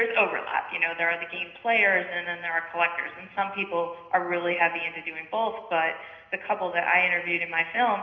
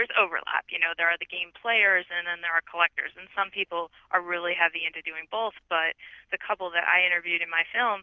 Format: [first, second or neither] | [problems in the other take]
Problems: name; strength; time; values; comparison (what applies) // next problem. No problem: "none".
second | room echo; dies away in 0.9 s